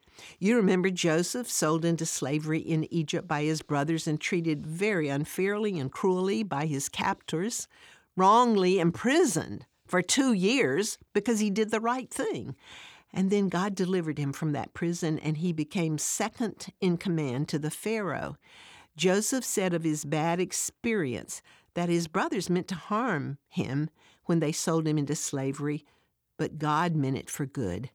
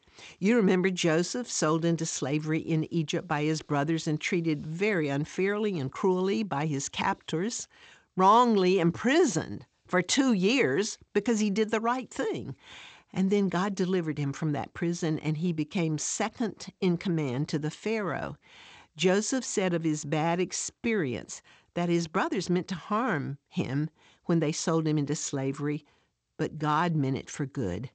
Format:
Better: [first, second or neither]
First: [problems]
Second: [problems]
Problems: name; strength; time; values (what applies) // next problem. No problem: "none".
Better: first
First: none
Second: garbled, watery; slightly; nothing above 8 kHz